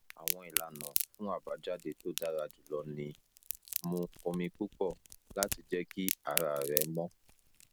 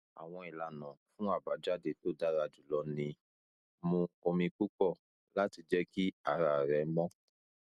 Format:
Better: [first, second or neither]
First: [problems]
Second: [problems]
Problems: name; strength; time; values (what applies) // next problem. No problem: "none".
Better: second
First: background sound (Crack); 2 dB below the speech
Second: none